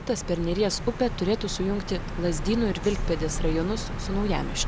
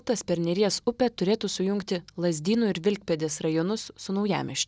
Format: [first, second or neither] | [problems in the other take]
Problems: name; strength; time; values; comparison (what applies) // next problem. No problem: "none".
second | background sound (Bird vocalization, bird call, bird song); 3 dB below the speech